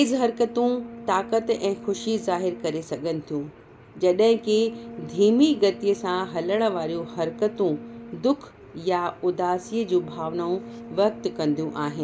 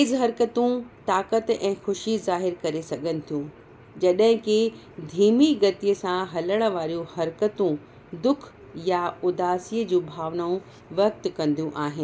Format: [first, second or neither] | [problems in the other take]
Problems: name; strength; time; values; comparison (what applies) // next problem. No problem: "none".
second | background sound (Brass instrument); 16 dB below the speech